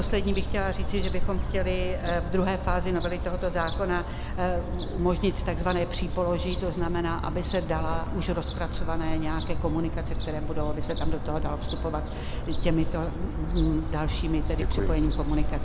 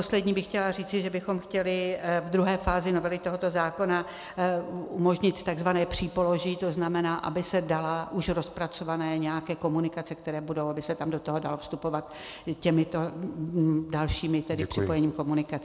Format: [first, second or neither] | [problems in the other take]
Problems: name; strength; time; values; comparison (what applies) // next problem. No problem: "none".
second | background sound (Gull, seagull / Fowl); 2 dB above the speech